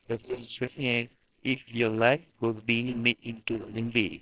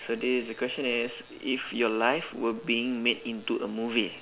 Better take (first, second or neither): second